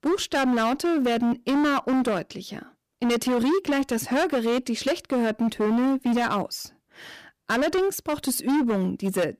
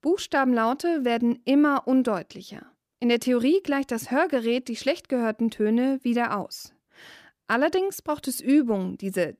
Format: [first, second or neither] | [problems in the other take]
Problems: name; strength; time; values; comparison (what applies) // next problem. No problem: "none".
second | distortion; heavy; 21% of the sound clipped